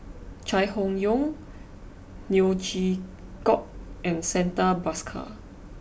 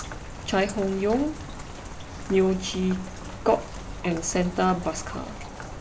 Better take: first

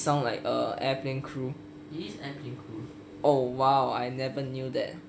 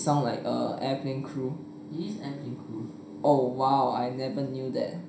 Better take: first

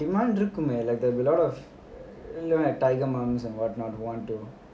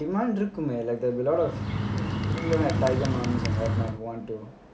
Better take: first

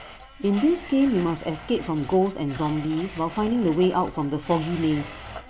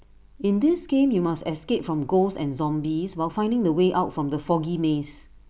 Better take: second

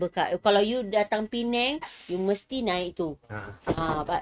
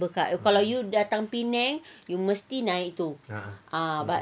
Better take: second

